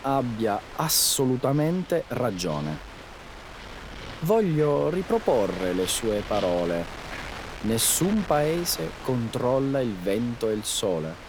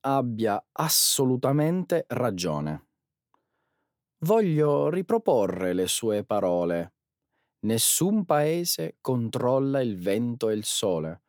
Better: second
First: wind noise on the microphone; occasional gusts; 10 dB below the speech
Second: none

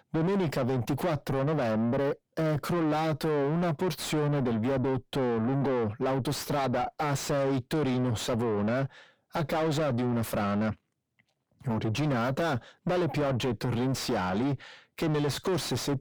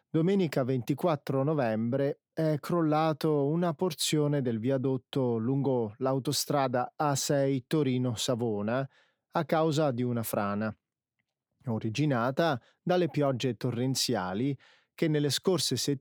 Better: second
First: distortion; heavy; 5 dB below the speech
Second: none

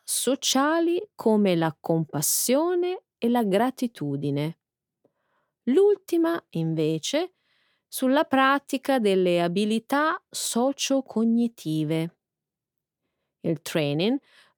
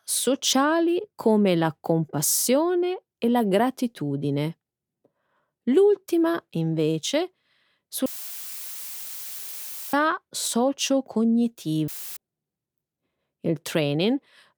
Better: first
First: none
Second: audio cutting out; filled with static; at 8 s for 2 s and at 12 s

